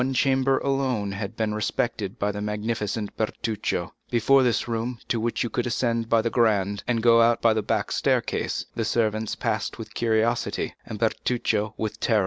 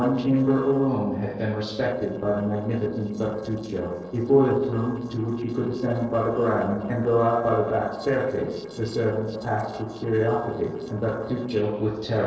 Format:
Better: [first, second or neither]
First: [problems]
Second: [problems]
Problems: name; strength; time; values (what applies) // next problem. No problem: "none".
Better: first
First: none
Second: noise reduction (neural separator model SepFormer DNS4)